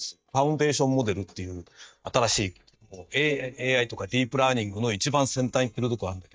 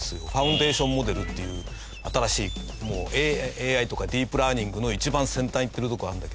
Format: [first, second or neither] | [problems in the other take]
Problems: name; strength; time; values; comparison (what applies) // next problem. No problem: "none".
second | noise reduction (neural mask model DeepFilterNet 3)